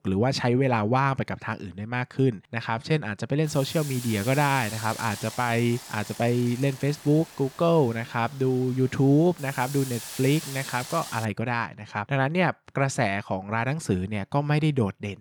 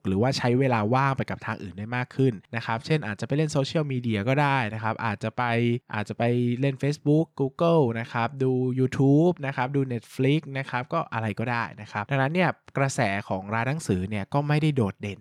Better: second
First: hiss; noticeable; from 3.5 to 11 s; 15 dB below the speech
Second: none

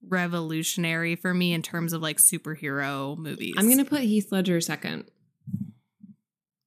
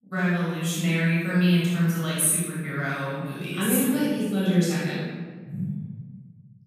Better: first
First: none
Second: off-mic speech; far // room echo; strong; dies away in 1.5 s

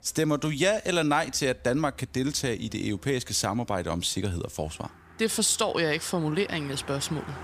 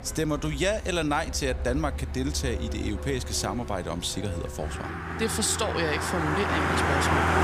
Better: first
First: traffic noise; faint; throughout; 20 dB below the speech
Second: traffic noise; loud; throughout; 2 dB below the speech

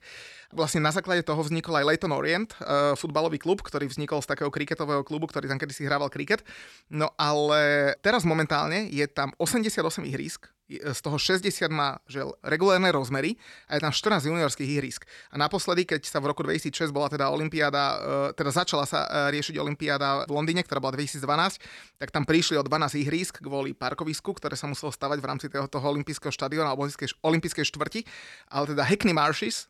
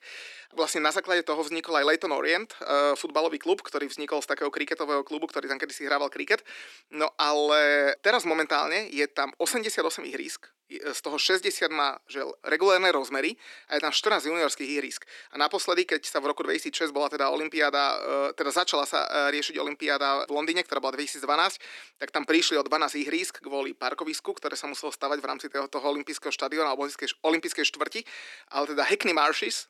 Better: first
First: none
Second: thin; somewhat; fading below 300 Hz

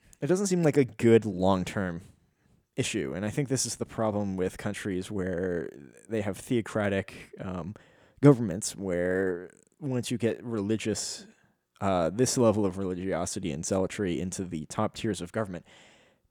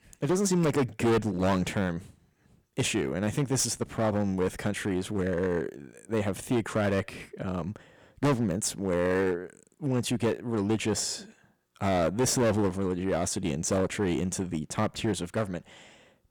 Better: first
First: none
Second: distortion; heavy; 8% of the sound clipped

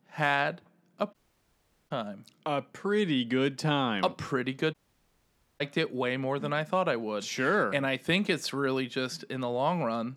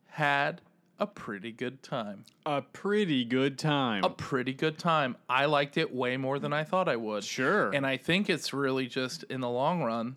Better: second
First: audio cutting out; at 1 s for 1 s and at 4.5 s for 1 s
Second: none

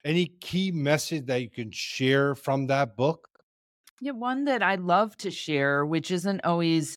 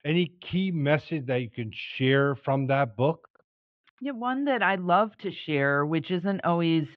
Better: first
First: none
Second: muffled; very; fading above 3 kHz

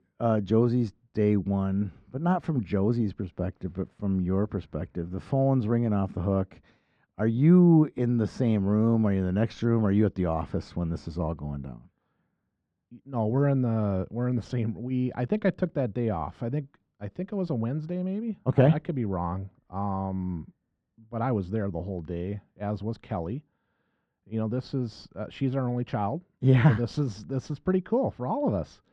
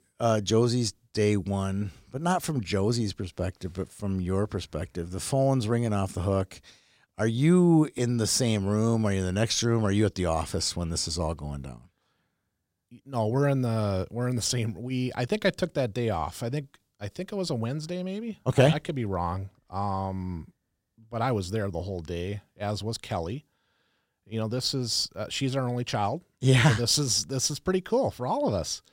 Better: second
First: muffled; very; fading above 1.5 kHz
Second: none

